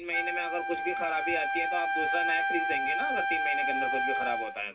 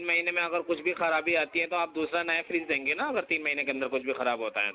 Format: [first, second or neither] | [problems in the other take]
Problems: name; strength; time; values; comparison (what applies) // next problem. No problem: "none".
second | background sound (Wind instrument, woodwind instrument); 4 dB above the speech // room echo; dies away in 0.4 s